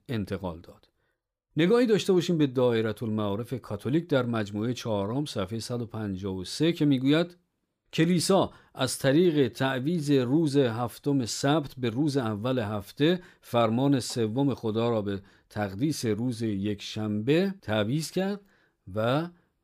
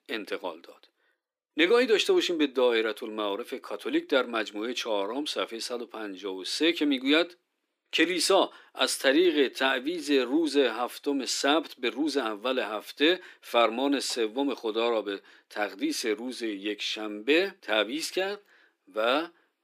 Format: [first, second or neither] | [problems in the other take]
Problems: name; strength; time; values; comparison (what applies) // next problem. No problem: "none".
first | thin; somewhat; fading below 300 Hz